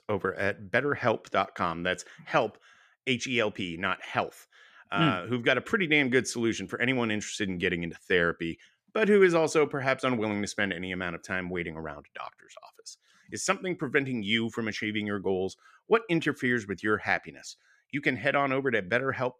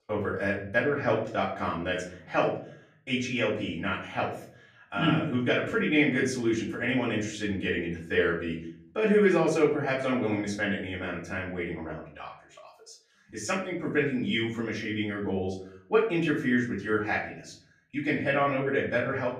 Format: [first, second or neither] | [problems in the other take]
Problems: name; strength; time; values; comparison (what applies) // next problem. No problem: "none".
first | off-mic speech; far // room echo; slight; dies away in 0.6 s